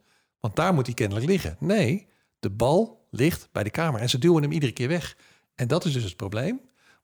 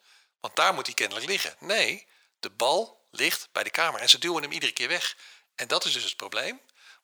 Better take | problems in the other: first | thin; very; fading below 800 Hz

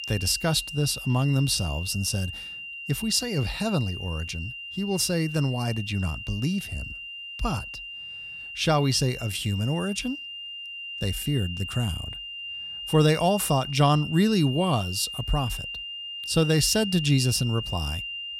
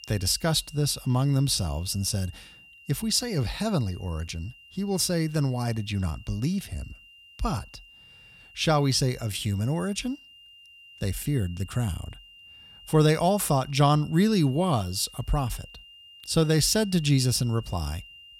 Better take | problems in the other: second | high-pitched whine; loud; throughout; 3 kHz, 9 dB below the speech; faint in the second

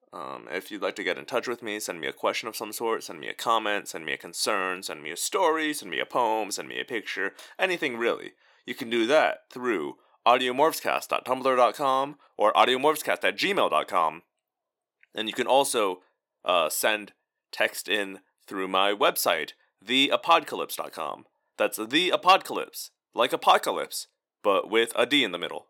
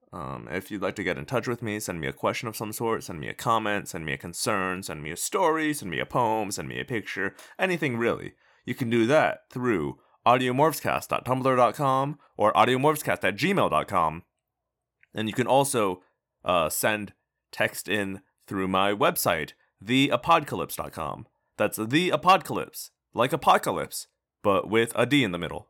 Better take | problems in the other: second | thin; very slightly; fading below 400 Hz

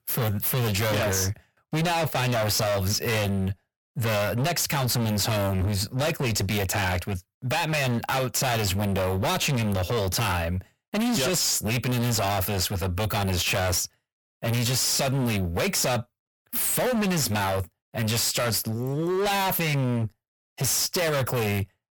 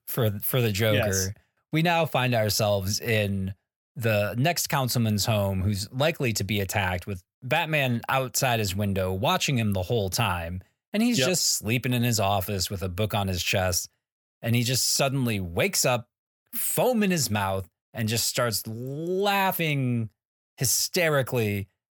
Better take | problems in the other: second | distortion; heavy; 35% of the sound clipped

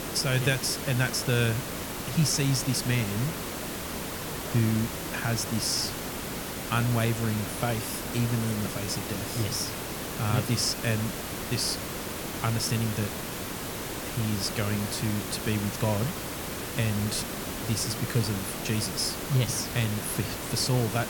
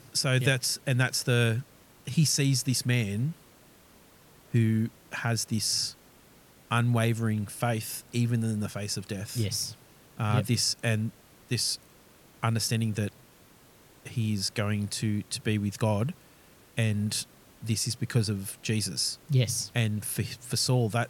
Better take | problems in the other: second | hiss; loud; throughout; 4 dB below the speech; faint in the second

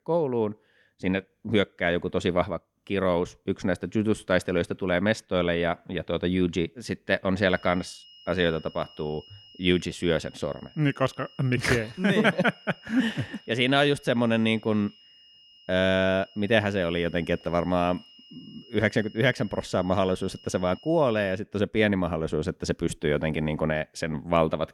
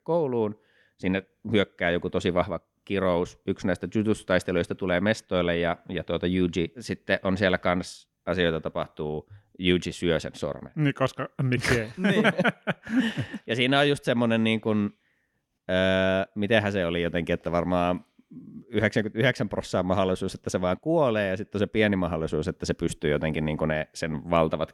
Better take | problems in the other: second | high-pitched whine; faint; from 7.5 to 21 s; 3 kHz, 25 dB below the speech

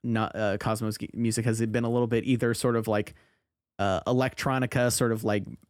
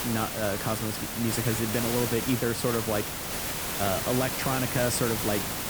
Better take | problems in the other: first | hiss; loud; throughout; 1 dB below the speech

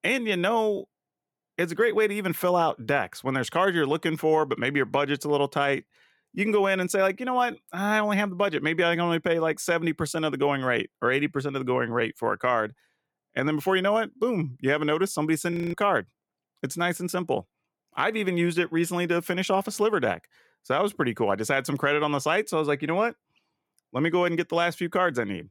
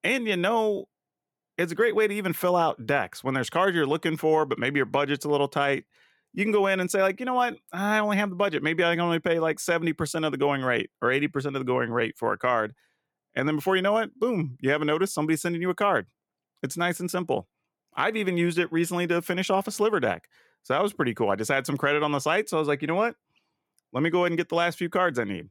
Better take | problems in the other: second | audio freezing; at 16 s

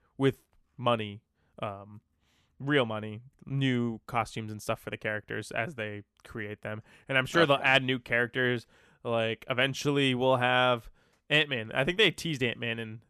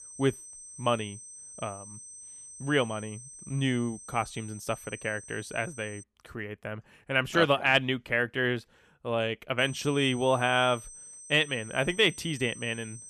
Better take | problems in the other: first | high-pitched whine; noticeable; until 6 s and from 9.5 s on; 8.5 kHz, 15 dB below the speech

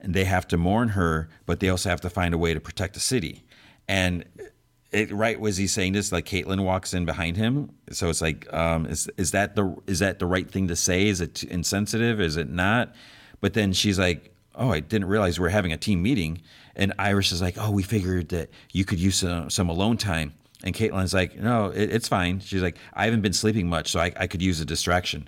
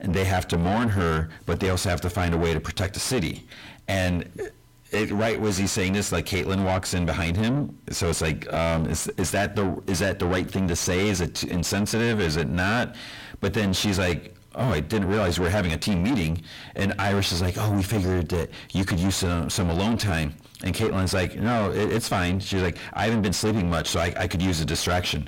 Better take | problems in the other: first | distortion; heavy; 6 dB below the speech

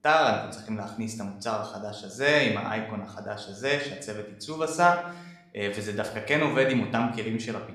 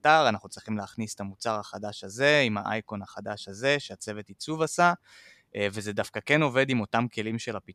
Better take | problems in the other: second | room echo; slight; dies away in 0.6 s

